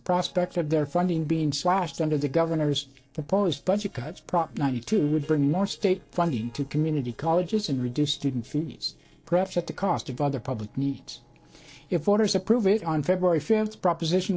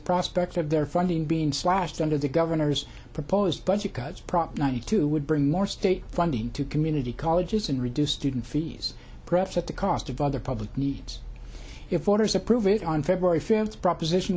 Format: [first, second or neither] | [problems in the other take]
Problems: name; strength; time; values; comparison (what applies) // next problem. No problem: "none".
second | noise reduction (neural separator model SepFormer DNS4)